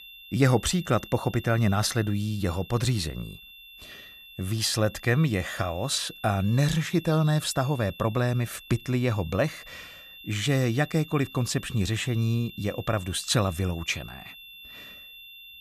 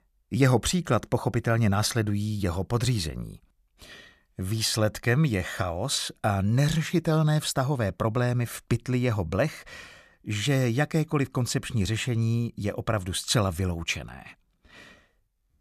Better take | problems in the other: second | high-pitched whine; noticeable; throughout; 3.5 kHz, 20 dB below the speech

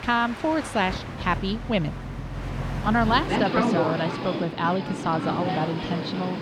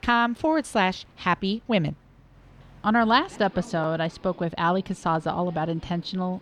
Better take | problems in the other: second | train or aircraft noise; loud; throughout; 3 dB below the speech; faint in the second

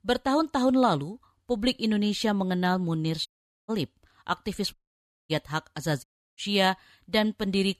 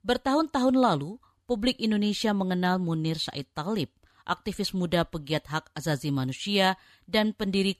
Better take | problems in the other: second | audio cutting out; at 3.5 s, at 4.5 s for 0.5 s and at 6 s

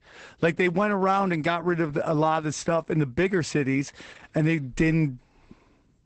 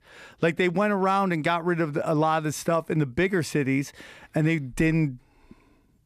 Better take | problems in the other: second | garbled, watery; badly; nothing above 8 kHz

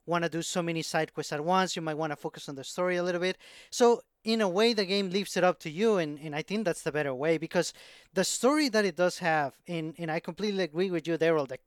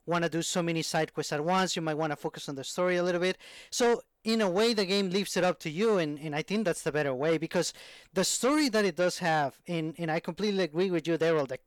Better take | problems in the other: first | distortion; slight; 10 dB below the speech

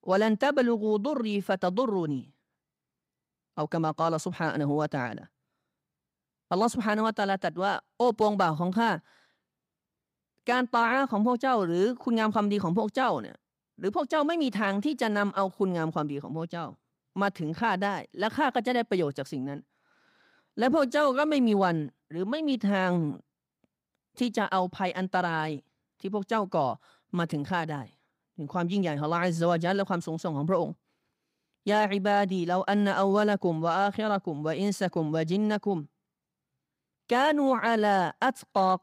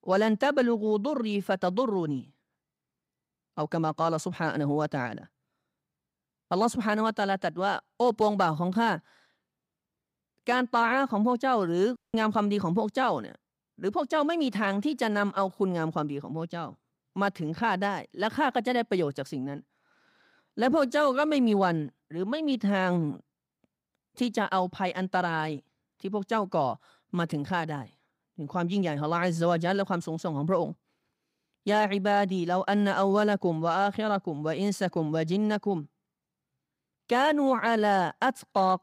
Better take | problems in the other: first | audio cutting out; at 12 s

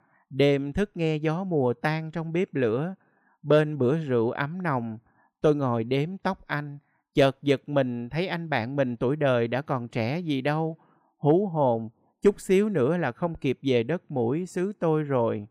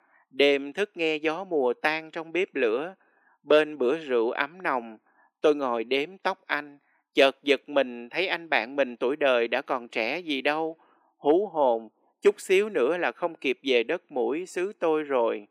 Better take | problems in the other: first | thin; somewhat; fading below 300 Hz

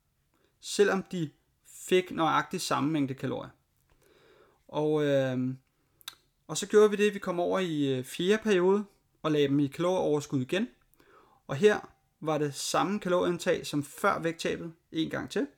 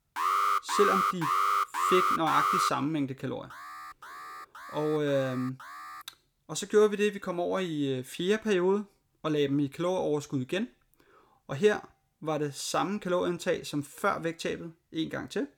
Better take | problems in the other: first | alarm; loud; until 2.5 s; peak 5 dB above the speech // alarm; faint; from 3.5 to 6 s; peak 15 dB below the speech

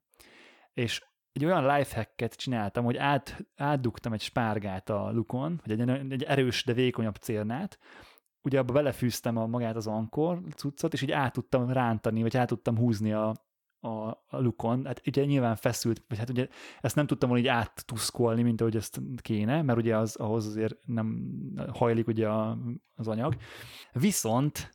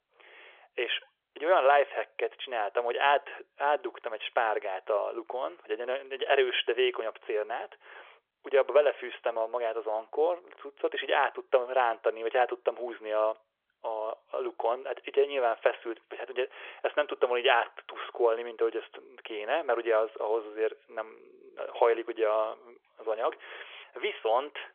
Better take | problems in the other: first | phone-call audio; nothing above 3.5 kHz

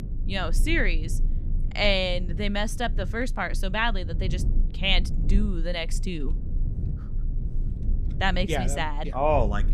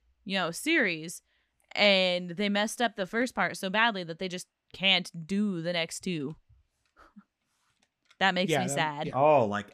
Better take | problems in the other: second | low rumble; noticeable; throughout; 20 dB below the speech

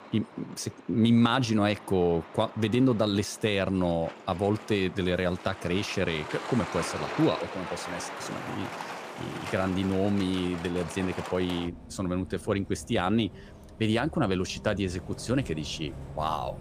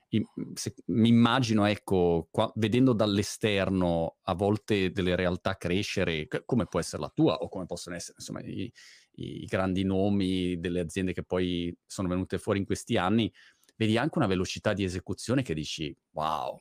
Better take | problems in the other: second | traffic noise; noticeable; throughout; 10 dB below the speech

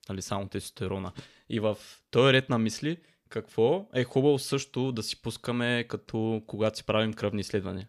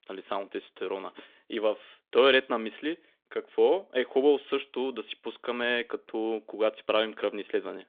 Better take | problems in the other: first | phone-call audio; nothing above 3.5 kHz

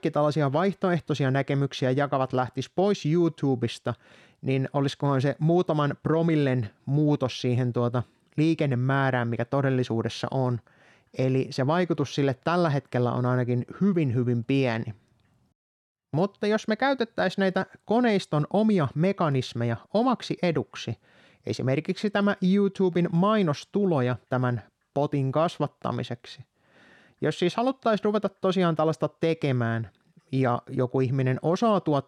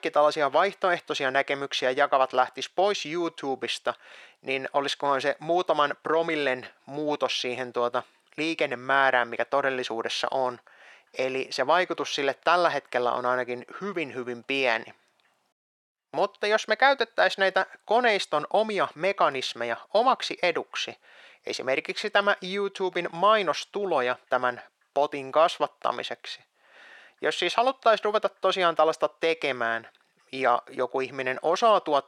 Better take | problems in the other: first | thin; very; fading below 650 Hz

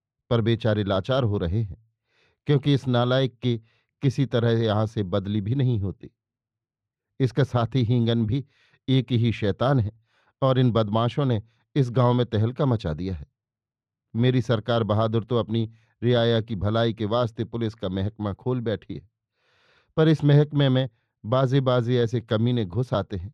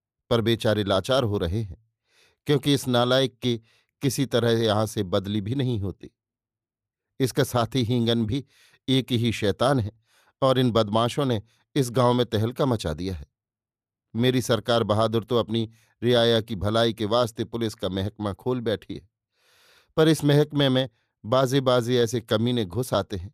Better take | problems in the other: second | muffled; slightly; fading above 3.5 kHz

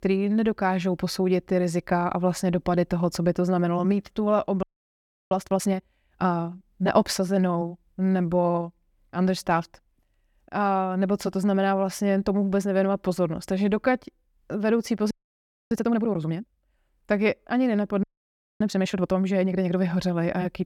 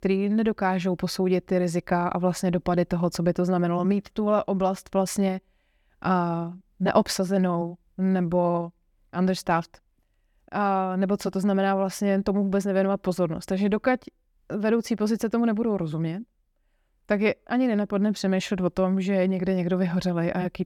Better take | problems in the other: second | audio freezing; at 4.5 s for 0.5 s, at 15 s for 0.5 s and at 18 s for 0.5 s

